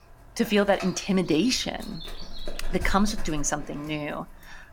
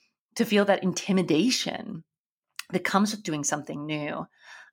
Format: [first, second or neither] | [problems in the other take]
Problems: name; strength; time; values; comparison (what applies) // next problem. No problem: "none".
second | dog barking; noticeable; peak 10 dB below the speech